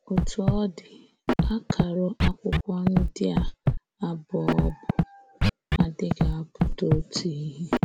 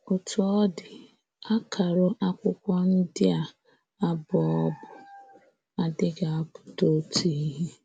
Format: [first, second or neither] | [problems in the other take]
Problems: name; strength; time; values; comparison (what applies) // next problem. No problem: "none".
second | background sound (Scratching (performance technique)); 3 dB above the speech